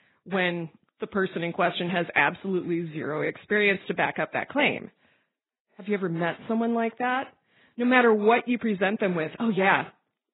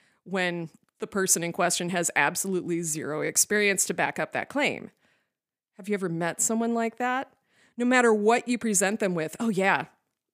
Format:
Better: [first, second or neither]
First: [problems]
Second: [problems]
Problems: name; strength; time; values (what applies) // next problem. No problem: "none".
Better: second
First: garbled, watery; badly; nothing above 4 kHz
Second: none